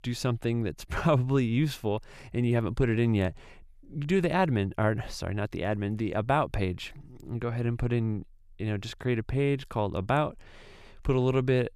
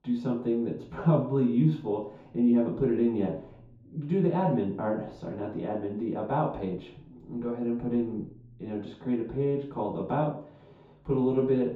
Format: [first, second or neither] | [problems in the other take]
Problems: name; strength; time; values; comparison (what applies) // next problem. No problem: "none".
first | room echo; noticeable; dies away in 0.6 s // off-mic speech; far